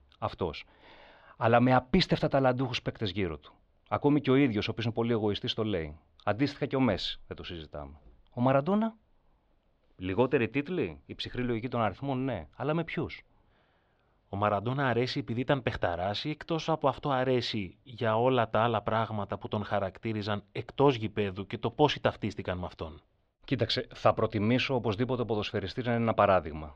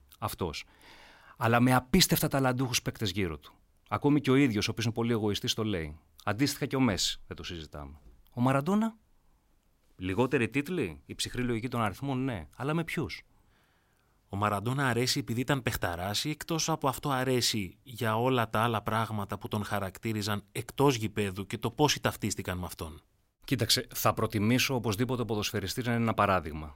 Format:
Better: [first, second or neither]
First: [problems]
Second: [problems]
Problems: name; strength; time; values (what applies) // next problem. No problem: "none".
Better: second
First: muffled; slightly; fading above 3.5 kHz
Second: none